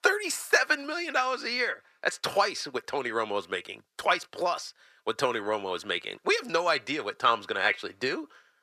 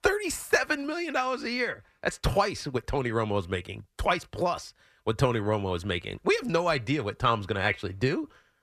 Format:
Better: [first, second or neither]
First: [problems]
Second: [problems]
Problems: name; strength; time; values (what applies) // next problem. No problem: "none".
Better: second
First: thin; somewhat; fading below 400 Hz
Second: none